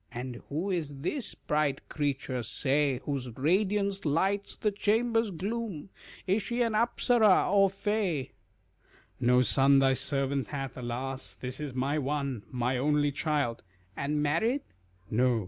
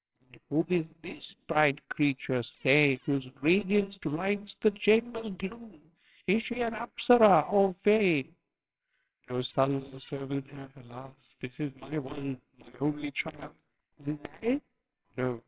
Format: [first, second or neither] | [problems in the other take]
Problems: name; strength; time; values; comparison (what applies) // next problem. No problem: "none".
first | noise reduction (neural separator model SepFormer WHAMR!)